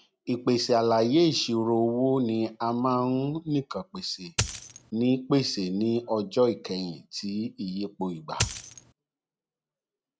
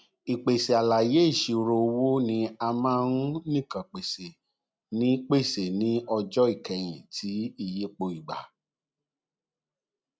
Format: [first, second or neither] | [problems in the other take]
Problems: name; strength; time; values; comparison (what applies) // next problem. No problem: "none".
second | background sound (Coin (dropping)); 4 dB below the speech